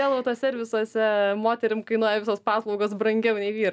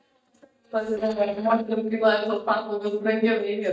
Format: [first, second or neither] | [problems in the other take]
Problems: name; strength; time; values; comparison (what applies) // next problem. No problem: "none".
first | noise reduction (neural mask model DeepFilterNet 3)